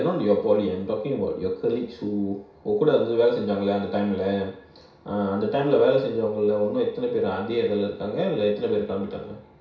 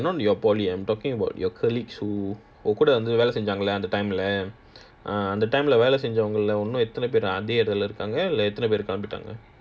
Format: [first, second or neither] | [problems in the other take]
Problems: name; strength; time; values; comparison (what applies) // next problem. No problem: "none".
second | room echo; dies away in 0.6 s